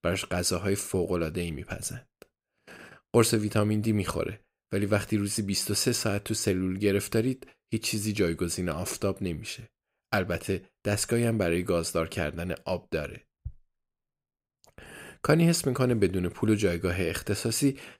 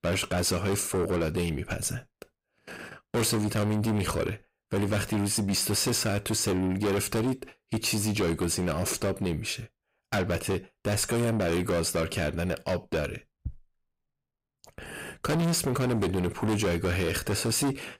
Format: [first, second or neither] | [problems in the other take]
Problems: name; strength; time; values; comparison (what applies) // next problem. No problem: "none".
first | distortion; heavy; 6 dB below the speech